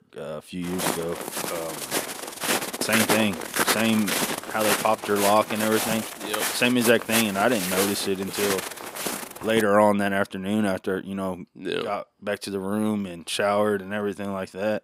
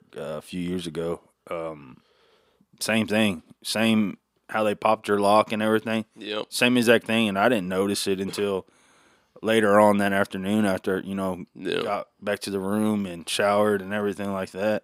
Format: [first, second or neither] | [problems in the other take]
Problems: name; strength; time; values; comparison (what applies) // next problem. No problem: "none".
second | footsteps; loud; from 0.5 to 9.5 s; peak 3 dB above the speech